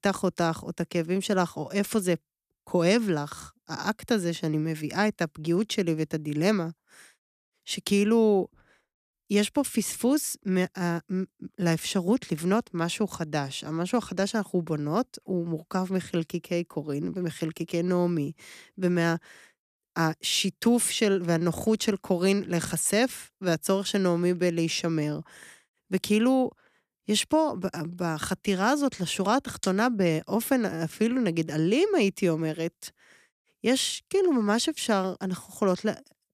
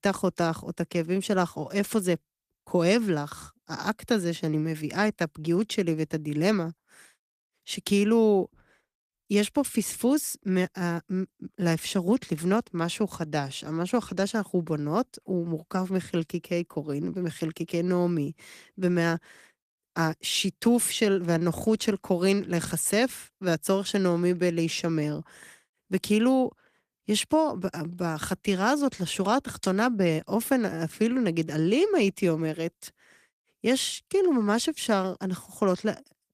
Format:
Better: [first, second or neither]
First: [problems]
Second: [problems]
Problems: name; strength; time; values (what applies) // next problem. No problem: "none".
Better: first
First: none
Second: garbled, watery; slightly; nothing above 14.5 kHz